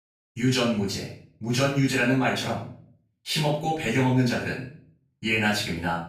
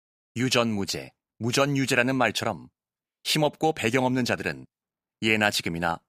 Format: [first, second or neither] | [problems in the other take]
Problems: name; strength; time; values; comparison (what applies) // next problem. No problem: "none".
second | off-mic speech; far // room echo; noticeable; dies away in 0.5 s